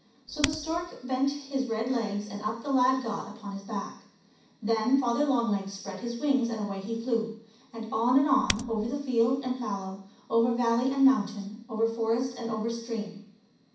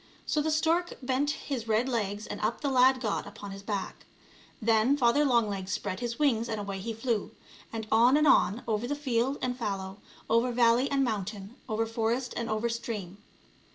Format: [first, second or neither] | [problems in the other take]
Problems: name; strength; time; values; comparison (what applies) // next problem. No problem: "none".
second | background sound (Typing); 6 dB below the speech // room echo; dies away in 0.6 s